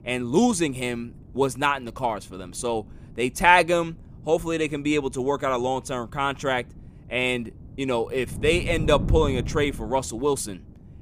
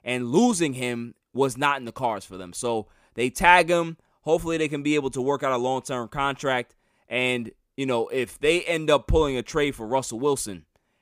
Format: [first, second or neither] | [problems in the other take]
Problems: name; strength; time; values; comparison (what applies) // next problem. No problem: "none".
second | wind noise on the microphone; occasional gusts; 25 dB below the speech